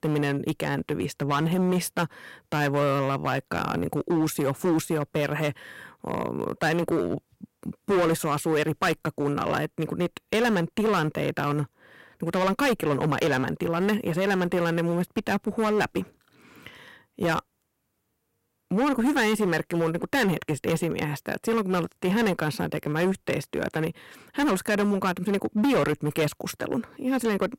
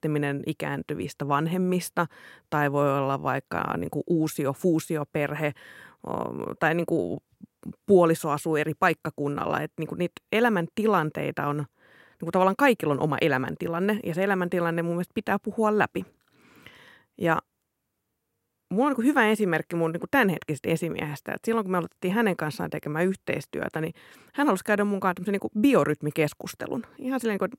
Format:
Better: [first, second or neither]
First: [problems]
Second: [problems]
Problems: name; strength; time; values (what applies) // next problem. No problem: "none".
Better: second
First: distortion; heavy; 11% of the sound clipped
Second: none